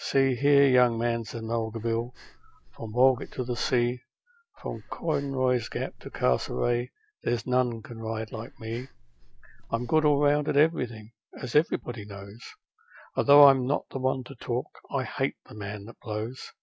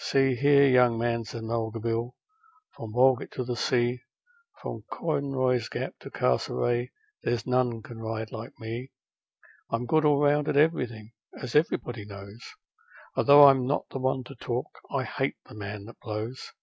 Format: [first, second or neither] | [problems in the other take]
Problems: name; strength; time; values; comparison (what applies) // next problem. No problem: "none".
second | background sound (Breathing); 16 dB below the speech